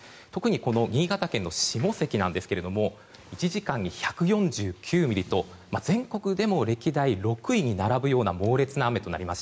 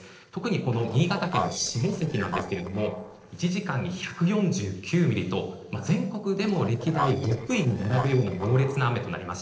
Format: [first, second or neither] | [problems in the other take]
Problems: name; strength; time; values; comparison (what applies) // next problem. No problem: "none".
first | noise reduction (neural separator model SepFormer DNS4)